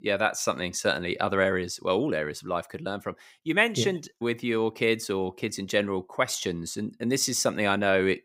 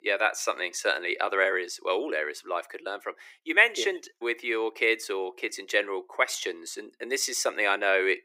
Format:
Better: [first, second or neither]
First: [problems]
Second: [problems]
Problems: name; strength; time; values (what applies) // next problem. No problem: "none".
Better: first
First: none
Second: thin; very; fading below 350 Hz